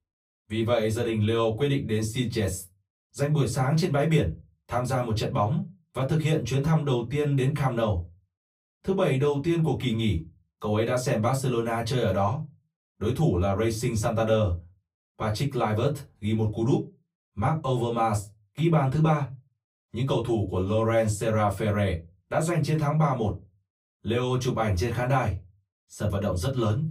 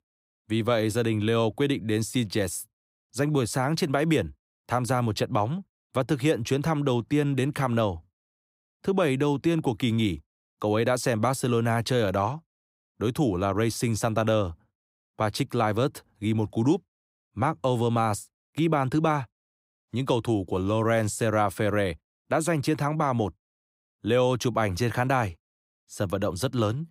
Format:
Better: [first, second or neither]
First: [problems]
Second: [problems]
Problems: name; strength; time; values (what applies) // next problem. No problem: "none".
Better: second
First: off-mic speech; far // room echo; very slight; dies away in 0.2 s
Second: none